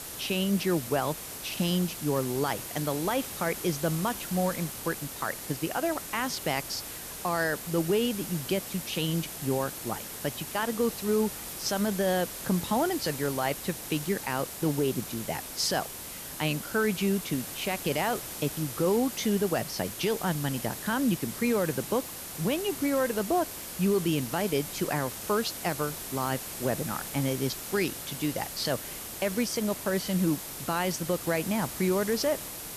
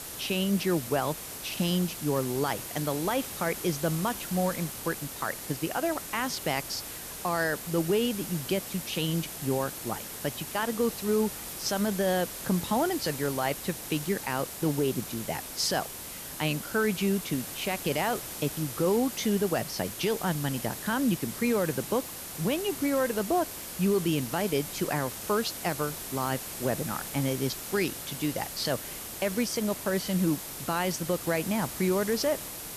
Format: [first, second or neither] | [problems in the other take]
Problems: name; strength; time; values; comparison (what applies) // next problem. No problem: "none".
neither | hiss; loud; throughout; 7 dB below the speech; the same in both